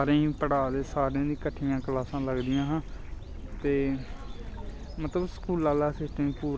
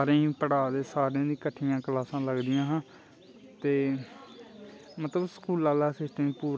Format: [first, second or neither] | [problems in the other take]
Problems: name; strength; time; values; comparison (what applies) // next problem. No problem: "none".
second | background sound (Stream / Bird); 9 dB below the speech